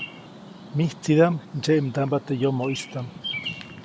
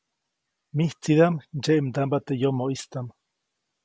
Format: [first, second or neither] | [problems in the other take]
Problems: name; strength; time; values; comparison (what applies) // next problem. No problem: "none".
second | background sound (Bird vocalization, bird call, bird song); 13 dB below the speech